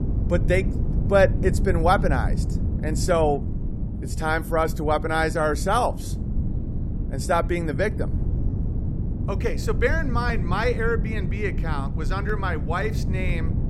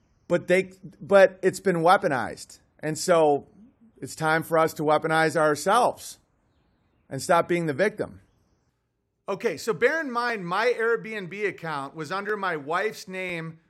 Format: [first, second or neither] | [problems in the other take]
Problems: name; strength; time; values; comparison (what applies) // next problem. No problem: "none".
second | wind noise on the microphone; occasional gusts; 15 dB below the speech